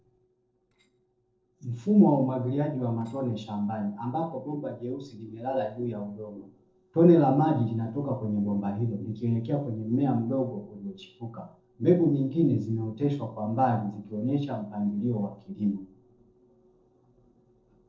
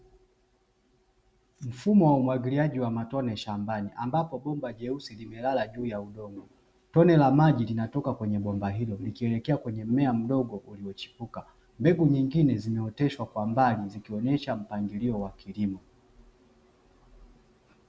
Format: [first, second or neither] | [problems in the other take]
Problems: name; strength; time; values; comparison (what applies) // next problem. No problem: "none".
second | noise reduction (neural separator model SepFormer DNS4)